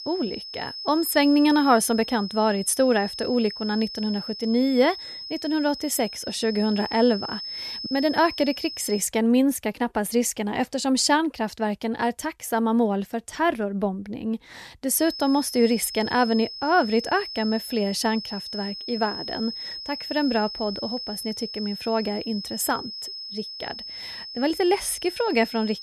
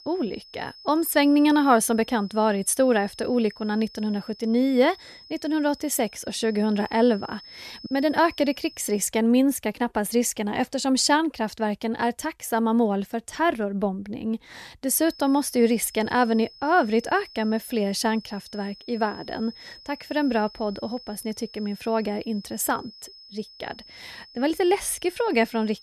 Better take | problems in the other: second | high-pitched whine; loud; until 9 s and from 15 s on; 5 kHz, 9 dB below the speech; faint in the second

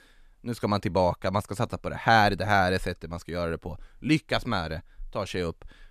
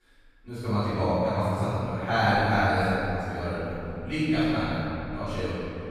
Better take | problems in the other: first | off-mic speech; far // room echo; strong; dies away in 2.7 s

